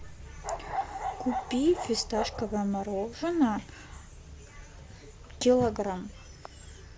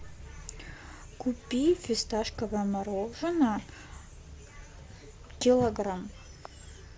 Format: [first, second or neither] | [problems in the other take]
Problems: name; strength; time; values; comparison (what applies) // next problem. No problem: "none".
second | background sound (Bark); 5 dB below the speech